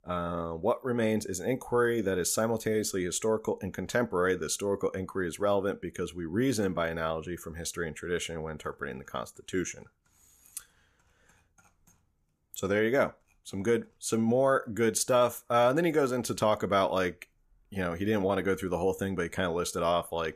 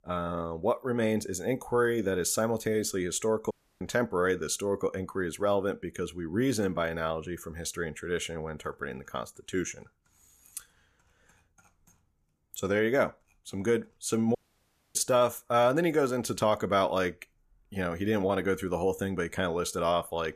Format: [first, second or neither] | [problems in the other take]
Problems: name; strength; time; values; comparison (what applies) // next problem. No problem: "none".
first | audio cutting out; at 3.5 s and at 14 s for 0.5 s